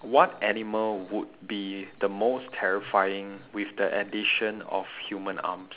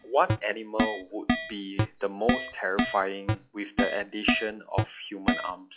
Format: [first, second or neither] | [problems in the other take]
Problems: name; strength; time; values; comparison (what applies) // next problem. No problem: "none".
first | noise reduction (classical method log-MMSE)